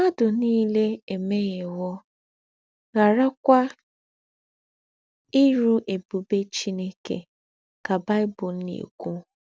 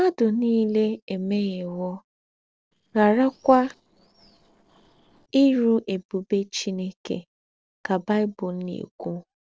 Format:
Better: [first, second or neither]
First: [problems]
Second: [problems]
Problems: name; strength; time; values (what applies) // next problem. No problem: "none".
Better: first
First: none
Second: noise reduction (neural separator model SepFormer DNS4)